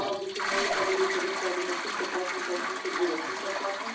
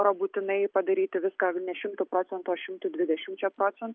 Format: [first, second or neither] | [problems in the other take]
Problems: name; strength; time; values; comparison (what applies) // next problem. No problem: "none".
second | background sound (Toilet flush); 1 dB above the speech // room echo; dies away in 0.6 s